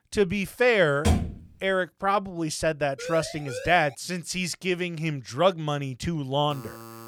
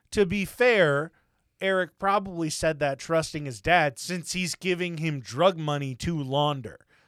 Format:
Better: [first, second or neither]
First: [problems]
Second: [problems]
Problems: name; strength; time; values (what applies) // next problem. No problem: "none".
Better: second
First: door banging; loud; at 1 s; peak 1 dB above the speech // siren; faint; at 3 s; peak 10 dB below the speech // alarm; faint; at 6.5 s; peak 15 dB below the speech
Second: none